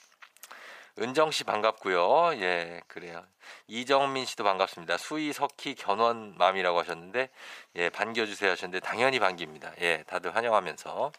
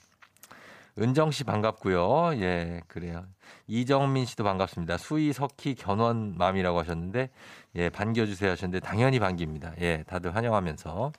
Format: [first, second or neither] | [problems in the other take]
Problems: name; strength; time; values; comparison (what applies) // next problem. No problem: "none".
second | thin; very; fading below 500 Hz